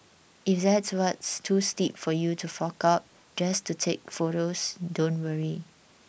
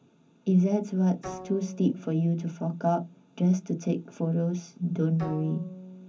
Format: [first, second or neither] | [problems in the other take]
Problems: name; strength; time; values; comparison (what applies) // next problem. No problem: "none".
first | background sound (Bowed string instrument); 18 dB below the speech // room echo; dies away in 0.3 s